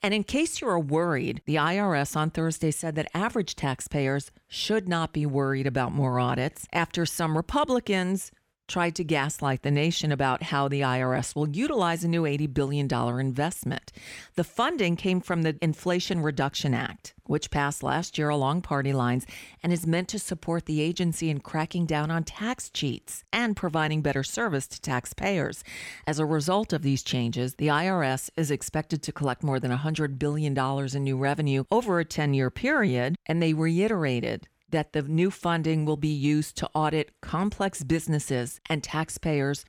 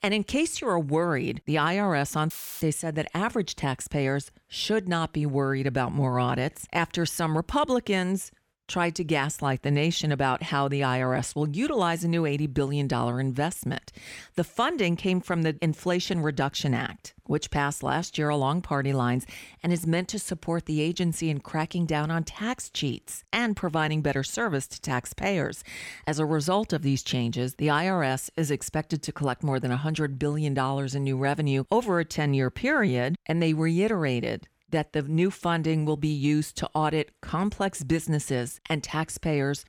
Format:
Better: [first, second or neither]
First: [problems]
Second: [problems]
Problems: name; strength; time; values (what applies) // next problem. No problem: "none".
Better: first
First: none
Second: audio cutting out; filled with static; at 2.5 s